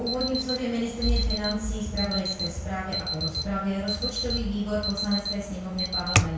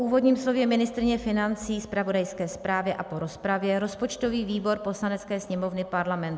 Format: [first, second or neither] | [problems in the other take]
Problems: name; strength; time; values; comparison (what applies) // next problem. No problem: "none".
second | background sound (Alarm); 3 dB below the speech // room echo; dies away in 0.6 s